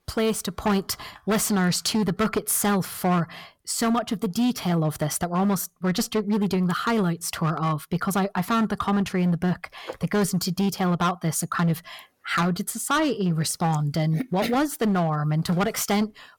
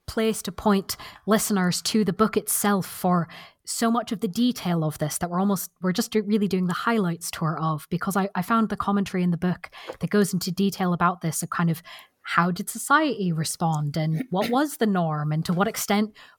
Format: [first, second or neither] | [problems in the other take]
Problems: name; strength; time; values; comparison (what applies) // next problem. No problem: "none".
second | distortion; slight; 11% of the sound clipped